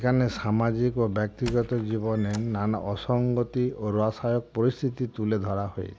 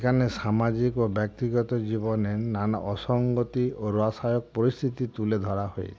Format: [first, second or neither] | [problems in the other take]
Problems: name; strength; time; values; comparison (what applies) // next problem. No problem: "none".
second | background sound (Squeak); 18 dB below the speech